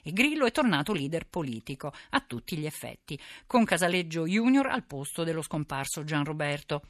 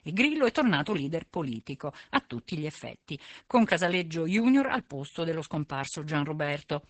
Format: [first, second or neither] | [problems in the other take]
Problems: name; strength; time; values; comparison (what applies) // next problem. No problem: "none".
first | garbled, watery; badly; nothing above 8 kHz